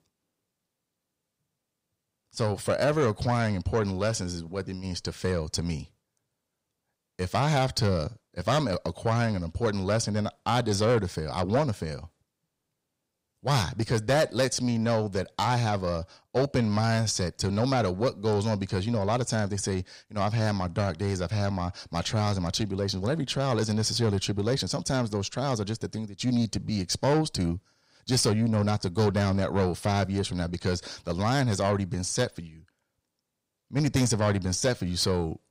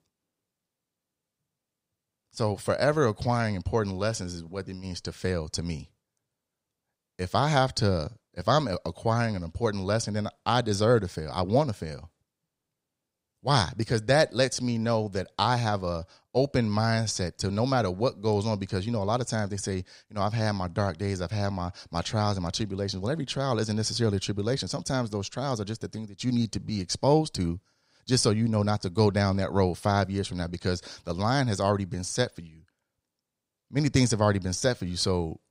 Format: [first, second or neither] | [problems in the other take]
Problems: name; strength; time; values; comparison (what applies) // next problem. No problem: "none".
second | distortion; slight; 10 dB below the speech